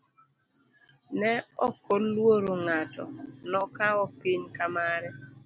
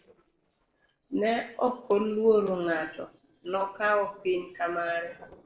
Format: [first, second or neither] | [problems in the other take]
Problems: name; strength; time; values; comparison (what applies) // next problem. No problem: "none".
first | noise reduction (neural separator model SepFormer DNS4)